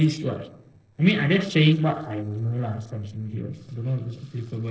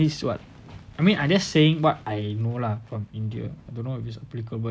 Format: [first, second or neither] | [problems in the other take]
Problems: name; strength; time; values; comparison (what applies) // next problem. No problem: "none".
second | noise reduction (neural separator model SepFormer DNS4)